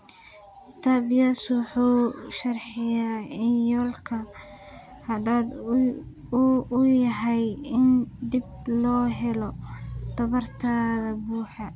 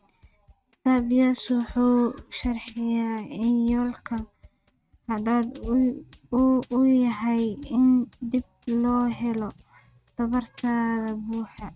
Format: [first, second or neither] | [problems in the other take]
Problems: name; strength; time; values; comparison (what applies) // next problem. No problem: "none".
first | noise reduction (neural mask model RNNoise)